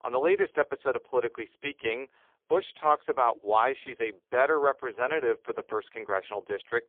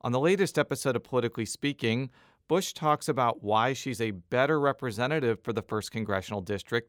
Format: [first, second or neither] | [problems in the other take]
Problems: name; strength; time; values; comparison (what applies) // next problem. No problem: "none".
second | phone-call audio; poor line; nothing above 3.5 kHz